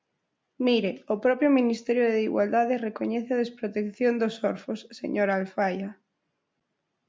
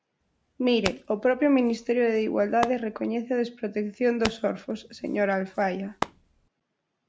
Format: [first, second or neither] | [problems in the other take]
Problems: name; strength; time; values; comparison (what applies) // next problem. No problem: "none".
first | background sound (Hands); 13 dB below the speech